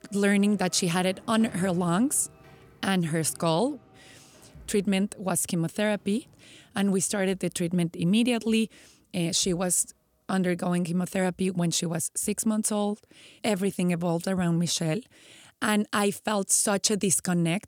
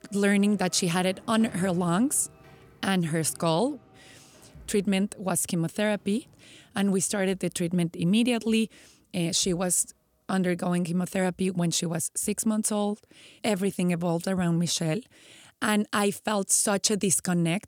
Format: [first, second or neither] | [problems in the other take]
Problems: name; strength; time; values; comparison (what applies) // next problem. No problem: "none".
neither | traffic noise; faint; throughout; 25 dB below the speech; the same in both